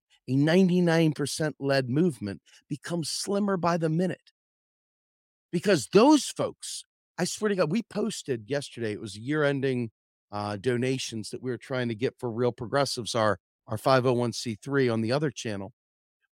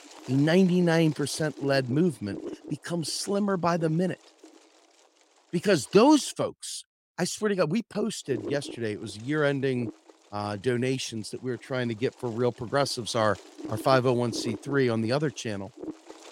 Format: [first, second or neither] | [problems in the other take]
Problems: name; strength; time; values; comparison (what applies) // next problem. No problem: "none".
first | wind noise on the microphone; occasional gusts; until 6.5 s and from 8.5 s on; 15 dB below the speech